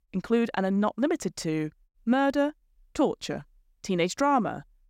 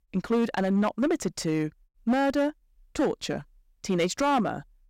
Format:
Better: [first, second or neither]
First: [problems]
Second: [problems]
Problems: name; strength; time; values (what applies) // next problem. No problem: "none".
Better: first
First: none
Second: distortion; slight; 7% of the sound clipped